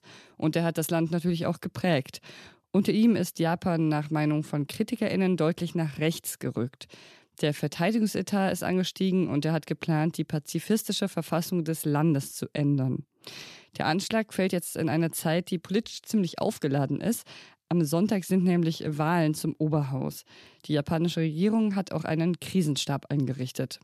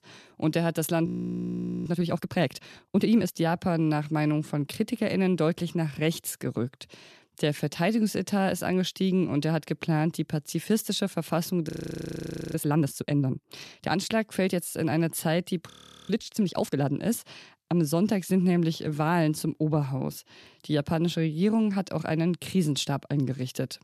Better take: first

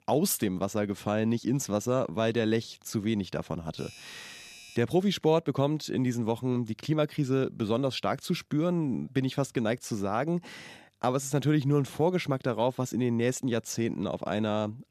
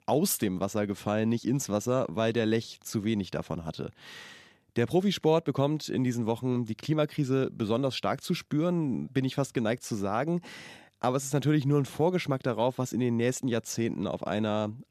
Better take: second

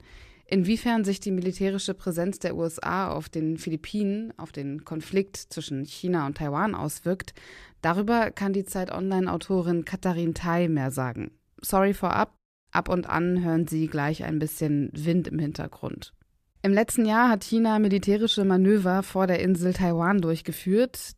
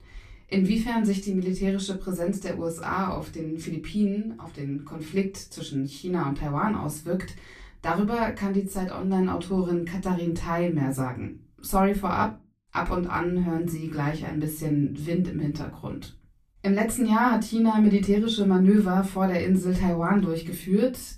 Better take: first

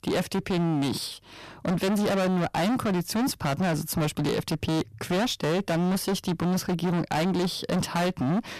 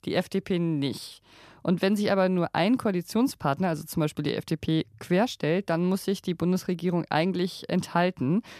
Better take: second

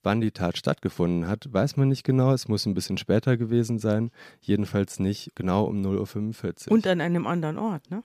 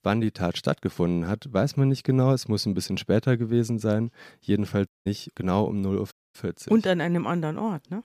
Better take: first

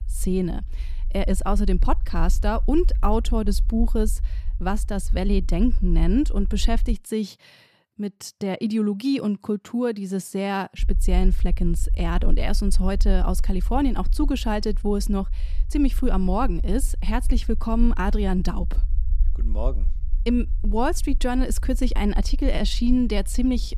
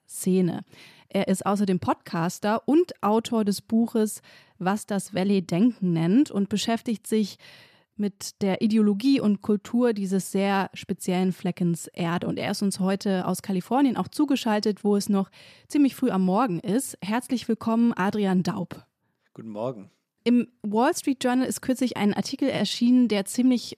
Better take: second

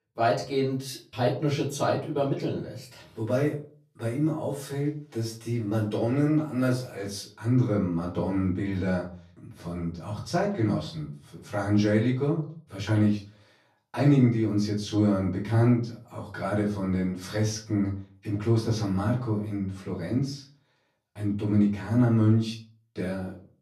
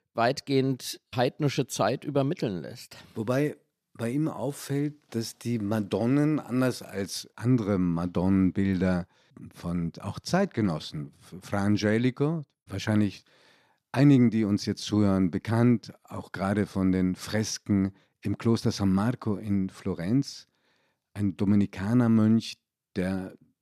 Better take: second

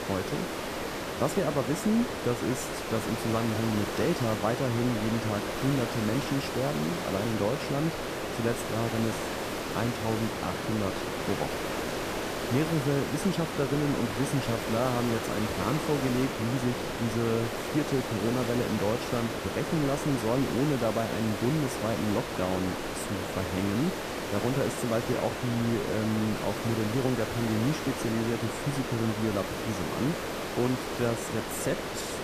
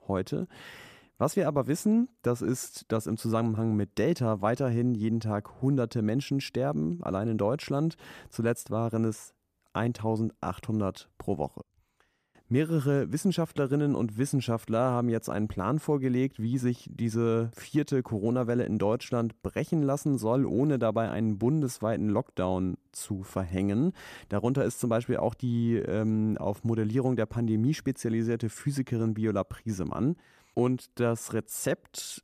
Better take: second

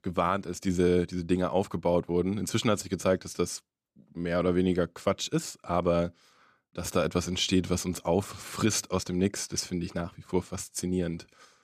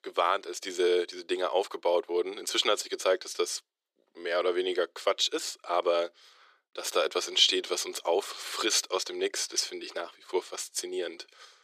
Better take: first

